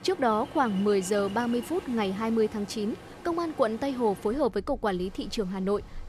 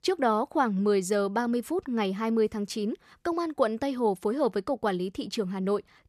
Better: second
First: rain or running water; noticeable; throughout; 15 dB below the speech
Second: none

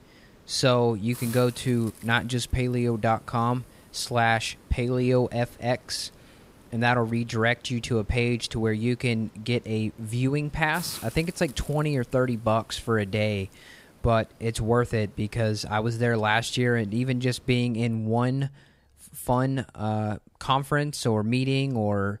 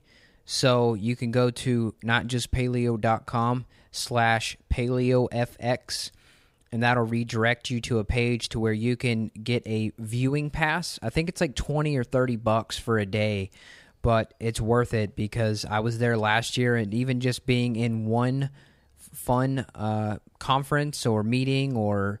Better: second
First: hiss; faint; until 18 s; 20 dB below the speech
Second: none

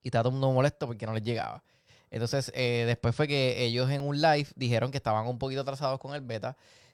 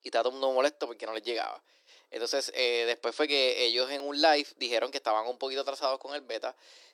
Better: first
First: none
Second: thin; very; fading below 300 Hz

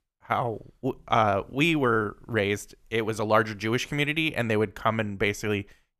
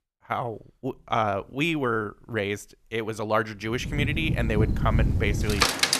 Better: first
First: none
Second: rain or running water; very loud; from 4.5 s on; 3 dB above the speech

